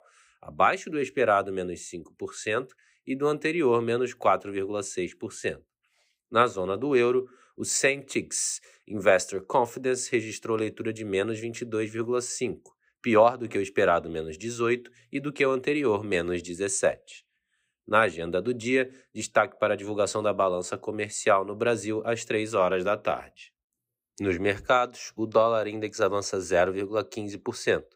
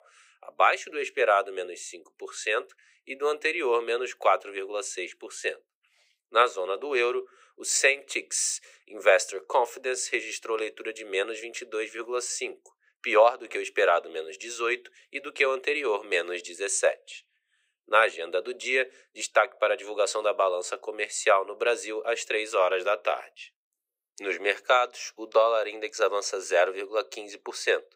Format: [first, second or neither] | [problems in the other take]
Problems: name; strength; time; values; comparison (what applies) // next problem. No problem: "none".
first | thin; very; fading below 450 Hz